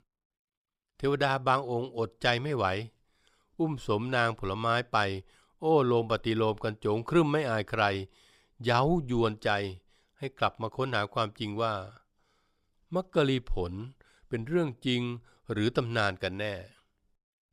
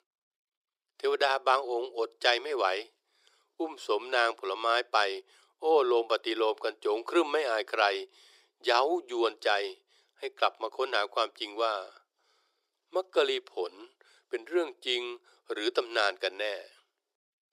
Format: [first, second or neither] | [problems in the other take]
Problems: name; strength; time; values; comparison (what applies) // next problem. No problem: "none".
first | thin; very; fading below 350 Hz